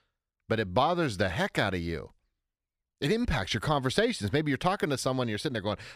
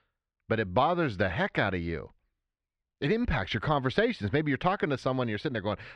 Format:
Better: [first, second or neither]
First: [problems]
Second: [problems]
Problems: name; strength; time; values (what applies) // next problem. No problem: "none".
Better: first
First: none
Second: muffled; slightly; fading above 2.5 kHz